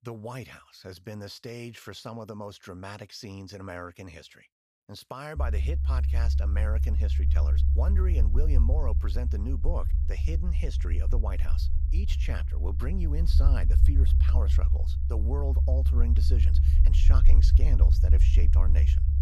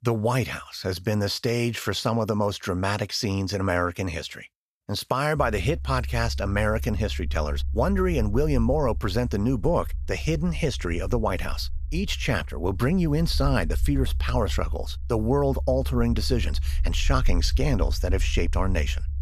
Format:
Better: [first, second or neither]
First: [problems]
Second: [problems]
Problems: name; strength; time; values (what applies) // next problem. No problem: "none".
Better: second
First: low rumble; loud; from 5.5 s on; 3 dB below the speech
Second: low rumble; faint; from 5.5 s on; 25 dB below the speech